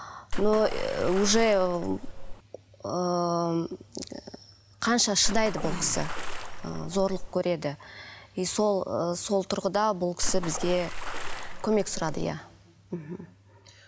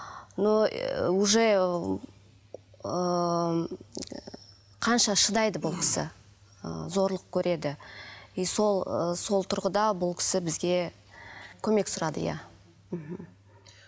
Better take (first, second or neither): second